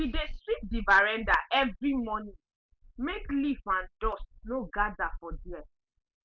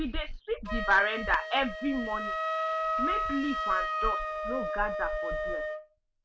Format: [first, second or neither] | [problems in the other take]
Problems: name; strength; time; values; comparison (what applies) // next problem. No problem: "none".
first | background sound (Wind instrument, woodwind instrument); 1 dB below the speech